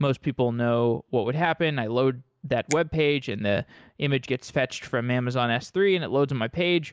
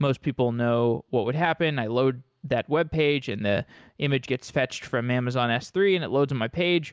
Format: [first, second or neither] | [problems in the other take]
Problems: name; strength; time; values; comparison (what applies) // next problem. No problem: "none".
second | noise reduction (neural mask model Resemble Enhance denoiser)